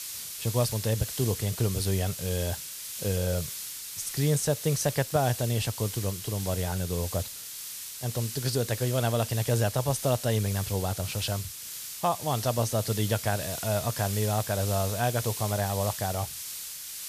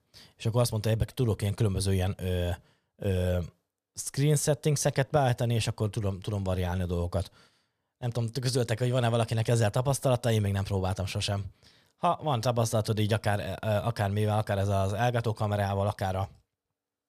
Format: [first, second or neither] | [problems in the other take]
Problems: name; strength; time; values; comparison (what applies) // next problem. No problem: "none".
second | hiss; loud; throughout; 6 dB below the speech